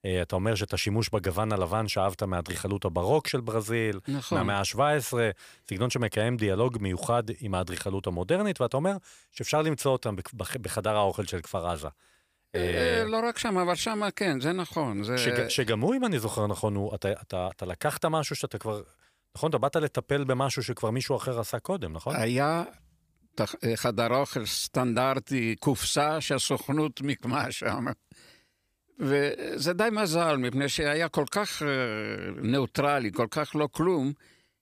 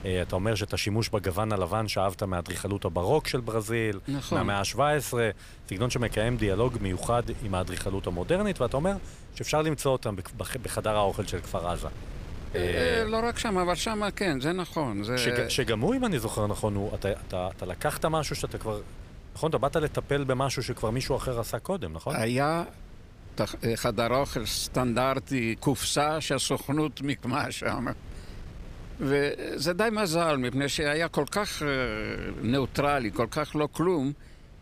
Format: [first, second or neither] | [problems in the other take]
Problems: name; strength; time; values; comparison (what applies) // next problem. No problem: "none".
first | wind noise on the microphone; occasional gusts; 25 dB below the speech